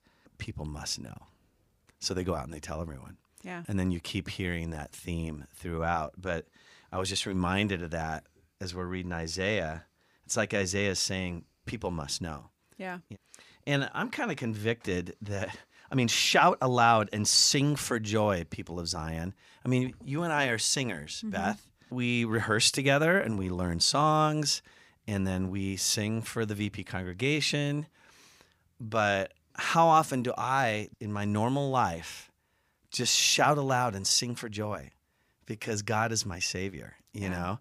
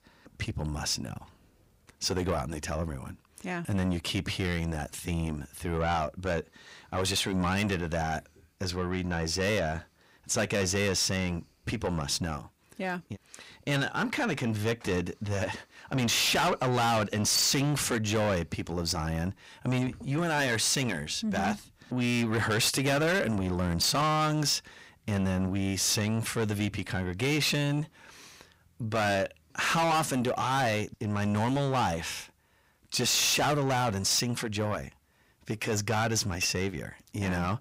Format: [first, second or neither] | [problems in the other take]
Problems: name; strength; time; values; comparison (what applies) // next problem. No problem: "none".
first | distortion; heavy; 6 dB below the speech